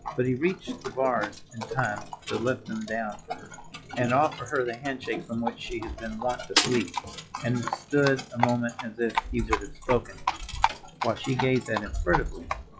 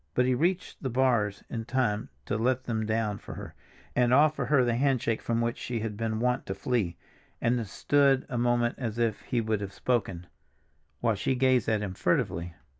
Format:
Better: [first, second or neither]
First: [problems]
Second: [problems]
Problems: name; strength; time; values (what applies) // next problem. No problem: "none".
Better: second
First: noise reduction (classical method log-MMSE)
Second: none